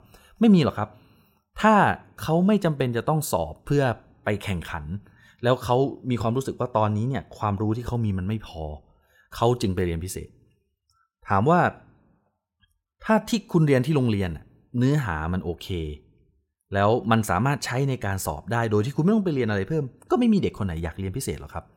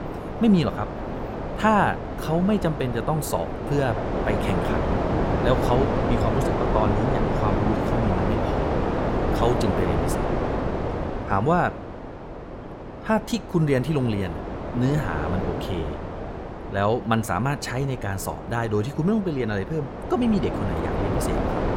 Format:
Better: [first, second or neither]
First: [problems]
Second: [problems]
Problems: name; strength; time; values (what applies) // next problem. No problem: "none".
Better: first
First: none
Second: wind noise on the microphone; heavy; 2 dB below the speech